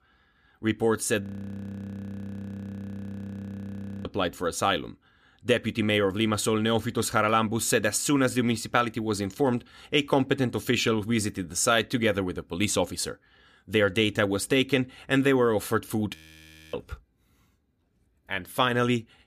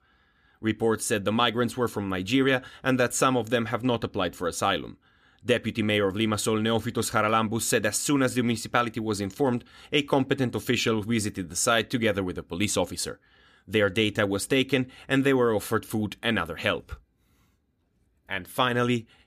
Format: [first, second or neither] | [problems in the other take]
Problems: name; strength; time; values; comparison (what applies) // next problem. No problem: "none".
second | audio freezing; at 1 s for 3 s and at 16 s for 0.5 s